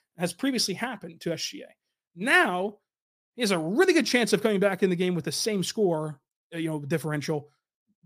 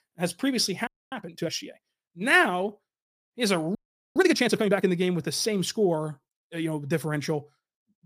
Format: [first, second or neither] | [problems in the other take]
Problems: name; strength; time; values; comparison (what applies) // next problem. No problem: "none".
first | audio freezing; at 1 s and at 4 s